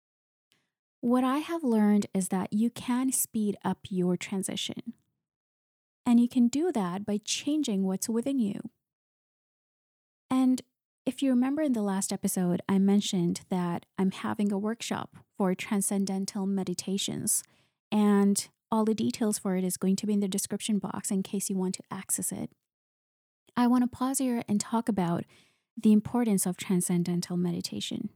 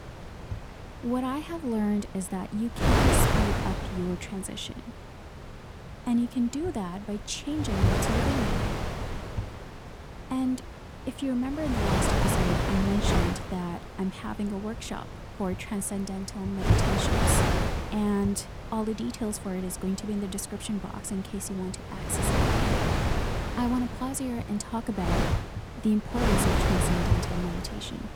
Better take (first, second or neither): first